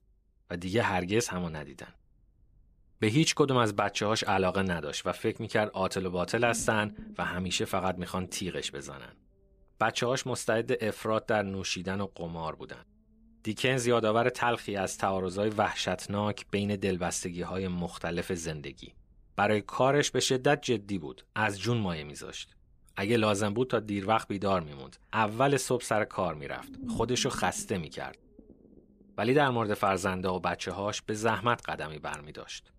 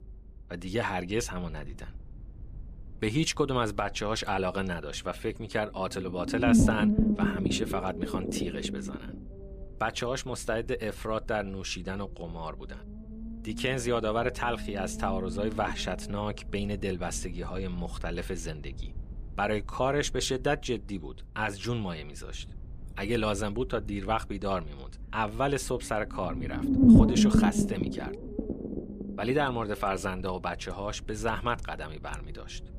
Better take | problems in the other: first | low rumble; loud; throughout; 2 dB below the speech; faint in the first

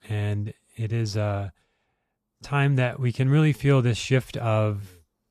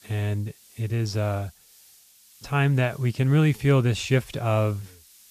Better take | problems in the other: first | hiss; faint; throughout; 25 dB below the speech

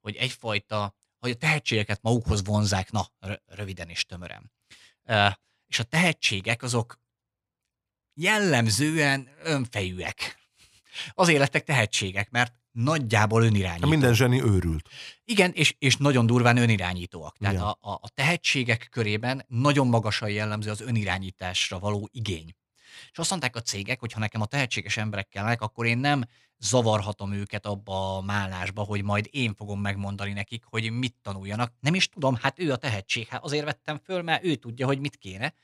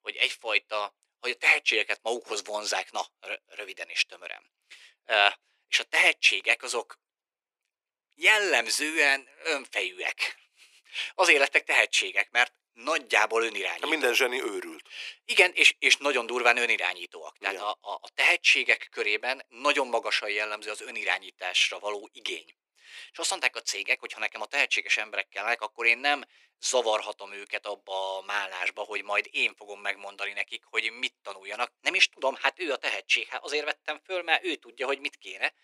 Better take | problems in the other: first | thin; very; fading below 350 Hz

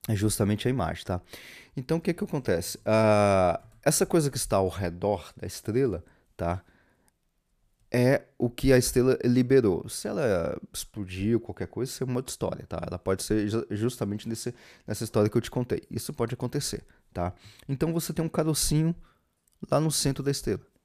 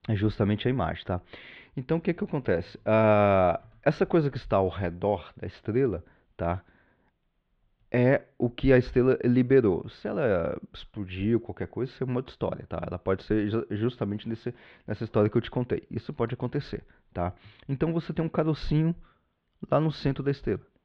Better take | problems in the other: first | muffled; very; fading above 3.5 kHz

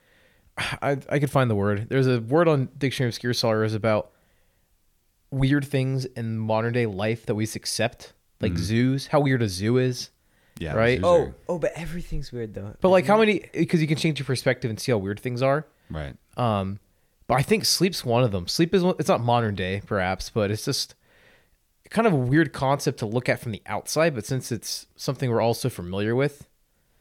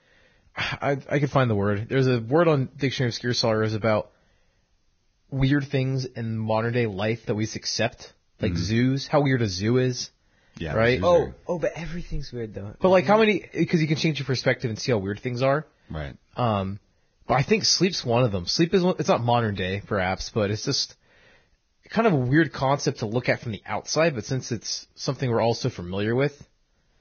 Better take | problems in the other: first | garbled, watery; badly; nothing above 6.5 kHz

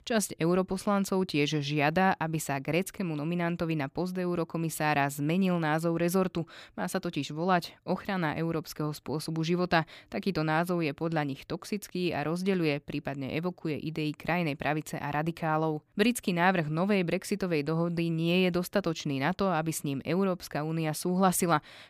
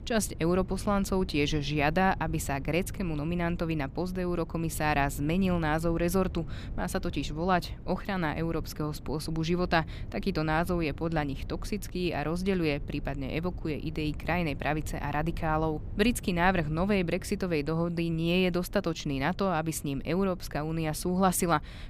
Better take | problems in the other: first | low rumble; faint; throughout; 25 dB below the speech

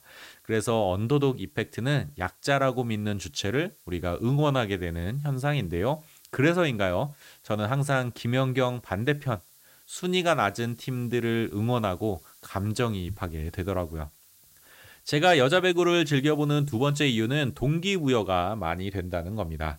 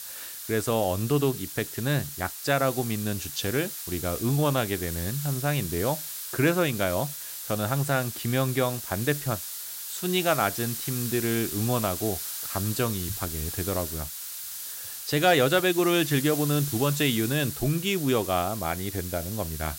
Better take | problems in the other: first | hiss; loud; throughout; 6 dB below the speech; faint in the first

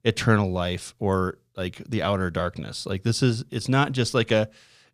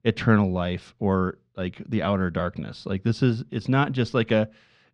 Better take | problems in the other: first | muffled; slightly; fading above 3 kHz

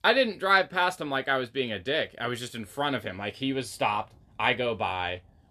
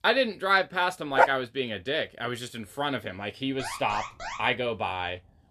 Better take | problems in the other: first | dog barking; loud; at 1 s; peak 5 dB above the speech // alarm; noticeable; at 3.5 s; peak 7 dB below the speech

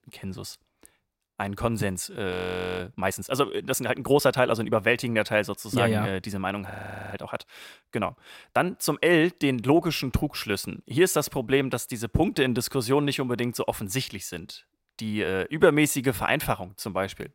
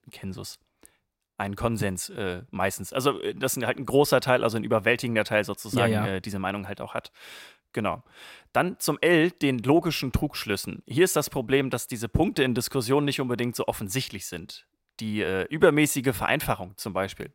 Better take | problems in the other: second | audio freezing; at 2.5 s and at 6.5 s

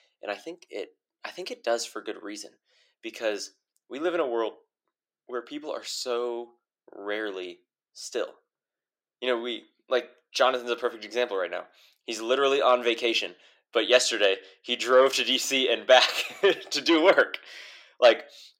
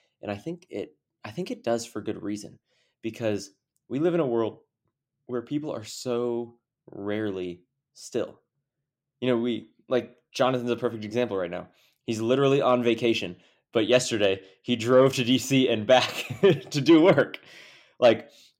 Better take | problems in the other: second | thin; somewhat; fading below 400 Hz

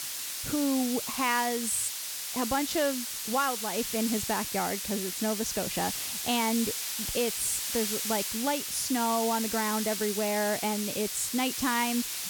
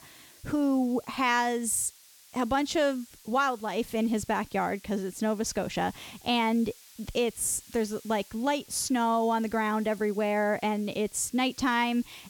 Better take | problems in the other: second | hiss; loud; throughout; 1 dB below the speech; faint in the second

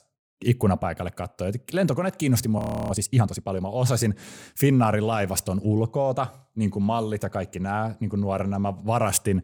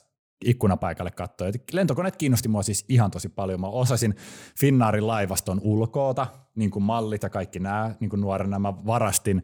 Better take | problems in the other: second | audio freezing; at 2.5 s

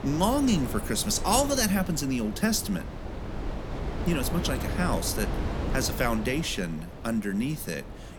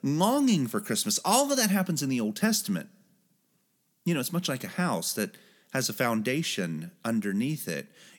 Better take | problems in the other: second | wind noise on the microphone; heavy; 10 dB below the speech

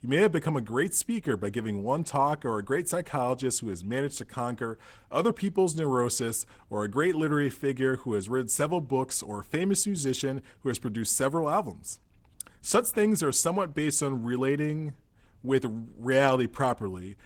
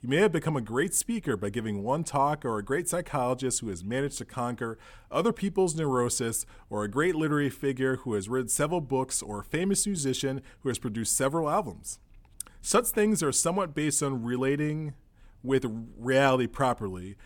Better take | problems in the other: second | garbled, watery; slightly; nothing above 15.5 kHz

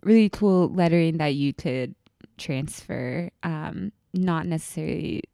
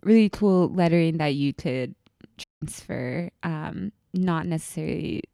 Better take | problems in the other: first | audio cutting out; at 2.5 s

